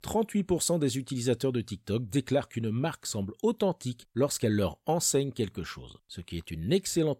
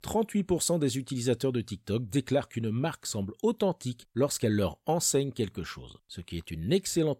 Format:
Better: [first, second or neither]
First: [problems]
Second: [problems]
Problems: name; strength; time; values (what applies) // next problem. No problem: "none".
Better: neither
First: none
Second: none